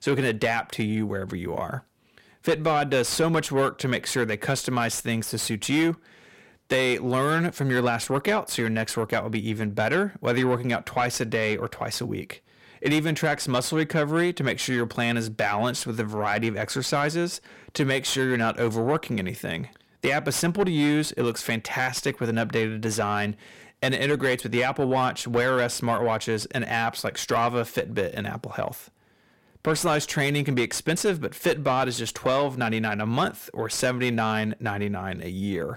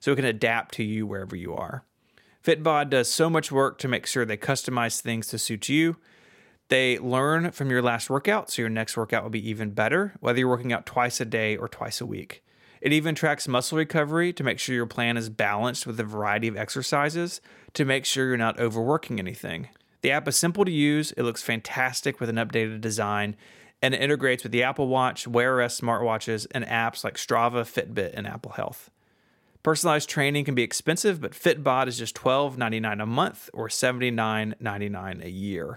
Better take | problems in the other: second | distortion; slight; 10 dB below the speech

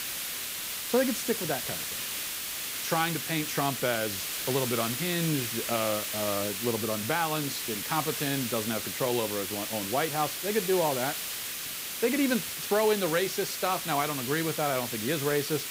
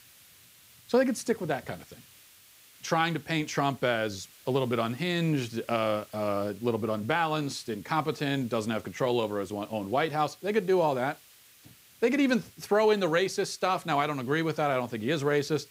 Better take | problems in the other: second | hiss; loud; throughout; 2 dB below the speech; faint in the second

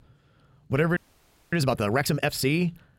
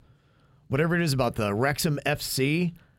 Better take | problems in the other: second | audio freezing; at 1 s for 0.5 s

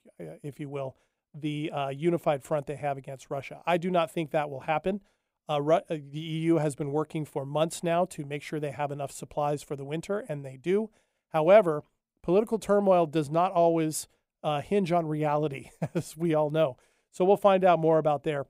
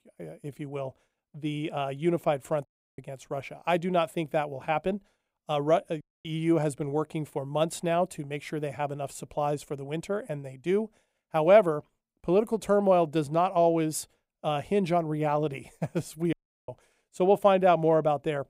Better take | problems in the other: first | audio cutting out; at 2.5 s, at 6 s and at 16 s

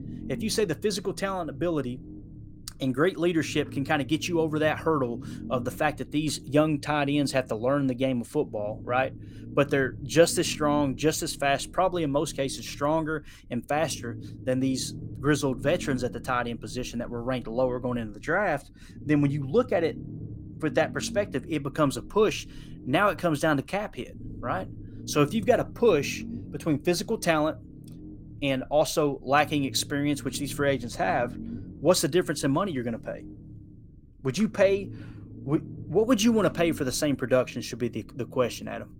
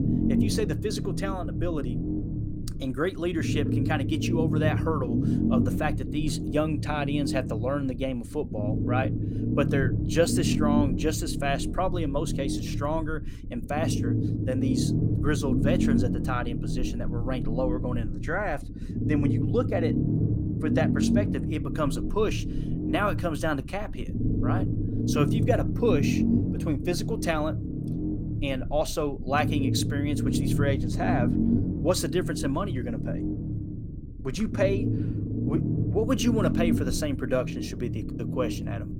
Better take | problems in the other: first | low rumble; loud; throughout; 4 dB below the speech; faint in the first

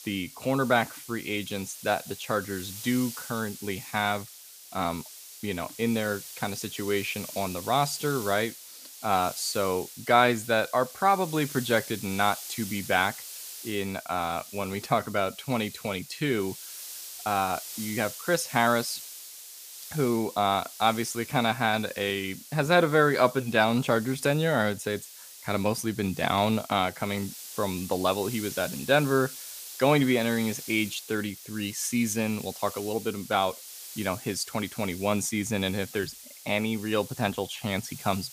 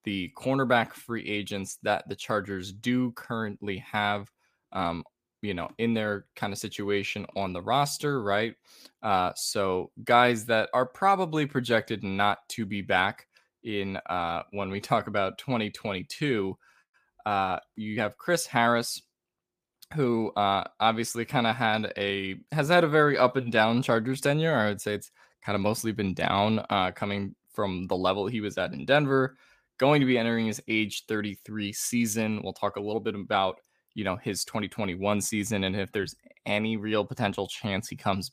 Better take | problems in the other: second | hiss; noticeable; throughout; 15 dB below the speech

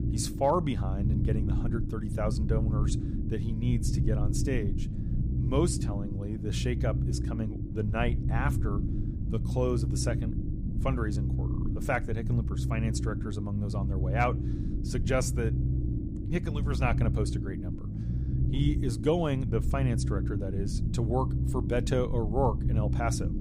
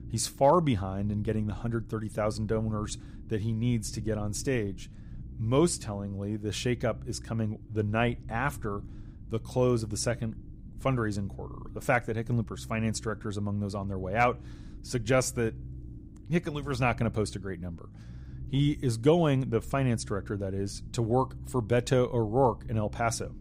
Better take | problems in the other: second | low rumble; loud; throughout; 8 dB below the speech; faint in the second

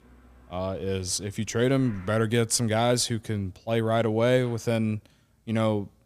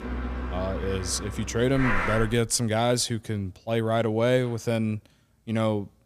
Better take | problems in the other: first | traffic noise; loud; until 2 s; 6 dB below the speech; faint in the first

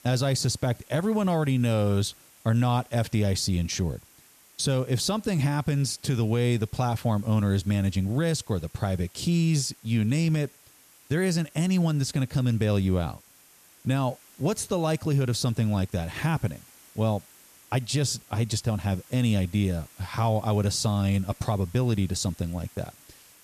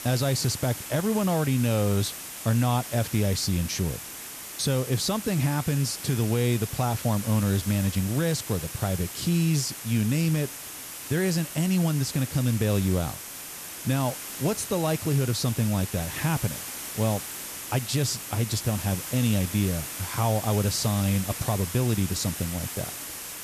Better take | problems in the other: first | hiss; loud; throughout; 8 dB below the speech; faint in the first

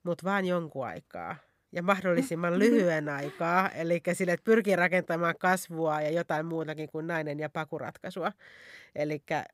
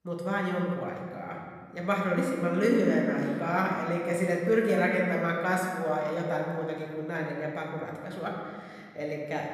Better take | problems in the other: first | room echo; noticeable; dies away in 1.9 s // off-mic speech; somewhat distant

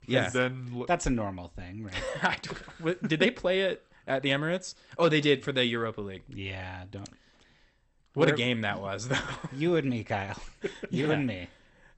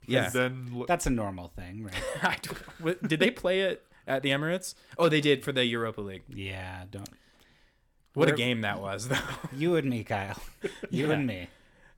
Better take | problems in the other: second | garbled, watery; slightly; nothing above 8 kHz

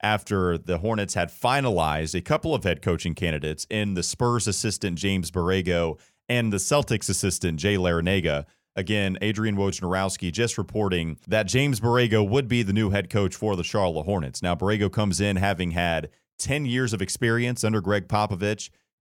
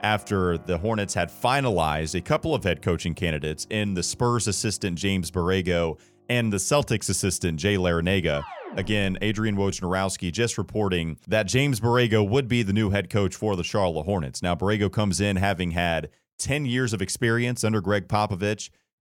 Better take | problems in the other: first | background music; faint; until 9.5 s; 25 dB below the speech

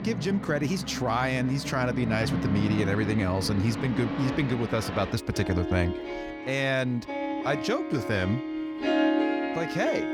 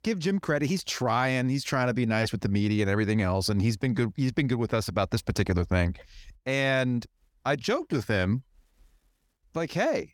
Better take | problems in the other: second | background music; loud; throughout; 3 dB below the speech

